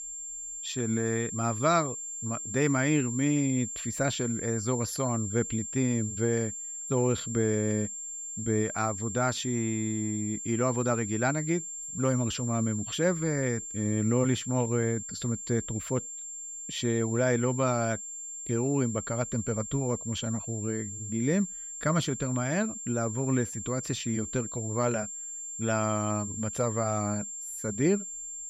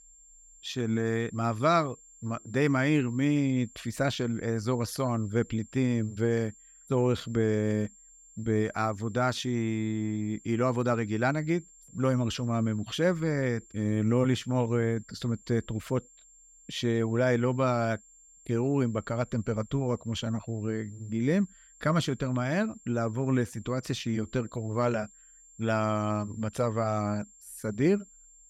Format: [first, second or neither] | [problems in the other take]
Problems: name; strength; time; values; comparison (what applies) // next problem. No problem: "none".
second | high-pitched whine; loud; throughout; 7.5 kHz, 6 dB below the speech; faint in the second